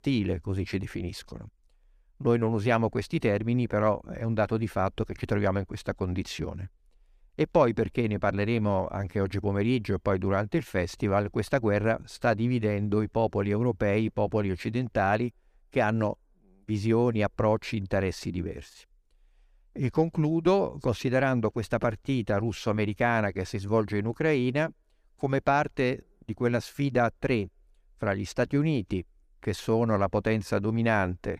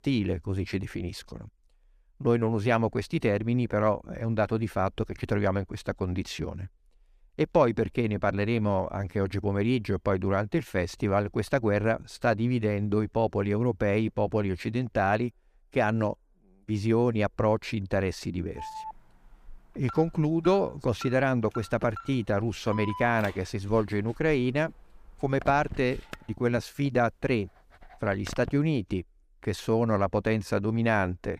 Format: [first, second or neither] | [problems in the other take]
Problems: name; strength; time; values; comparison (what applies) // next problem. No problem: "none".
first | alarm; faint; from 19 to 29 s; peak 10 dB below the speech